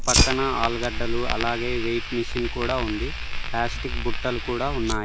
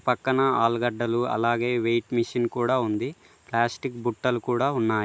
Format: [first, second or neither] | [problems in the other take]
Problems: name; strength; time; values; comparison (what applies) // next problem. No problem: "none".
second | background sound (Fire); 2 dB above the speech